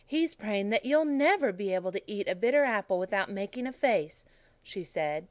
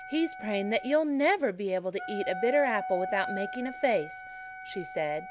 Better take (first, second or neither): first